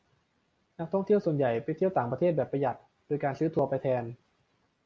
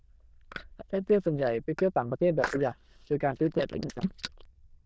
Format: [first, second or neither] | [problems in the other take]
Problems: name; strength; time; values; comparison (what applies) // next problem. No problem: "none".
first | noise reduction (neural diffusion model UNIVERSE++)